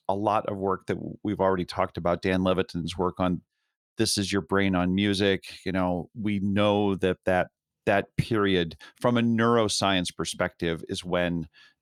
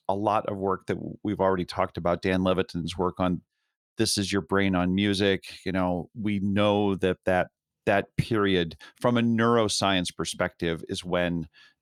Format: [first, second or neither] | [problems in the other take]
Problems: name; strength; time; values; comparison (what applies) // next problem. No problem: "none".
neither | none